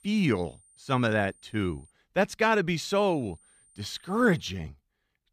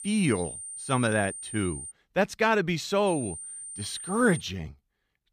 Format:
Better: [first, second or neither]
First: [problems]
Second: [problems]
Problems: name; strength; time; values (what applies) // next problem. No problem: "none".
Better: first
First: high-pitched whine; faint; until 2 s and from 3 to 4.5 s; 9 kHz, 30 dB below the speech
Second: high-pitched whine; loud; until 2 s and from 3 to 4.5 s; 9 kHz, 10 dB below the speech